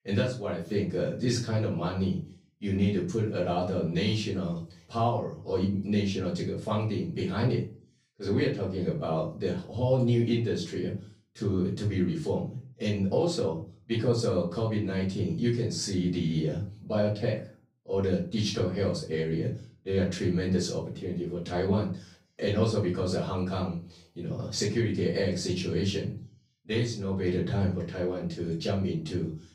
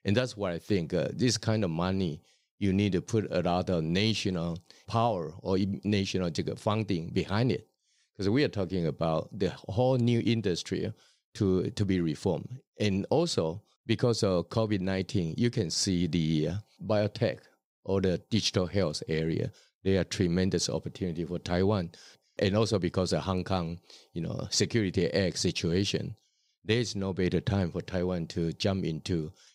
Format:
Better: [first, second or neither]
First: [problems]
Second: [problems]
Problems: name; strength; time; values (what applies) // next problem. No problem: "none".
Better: second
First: off-mic speech; far // room echo; slight; dies away in 0.3 s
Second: none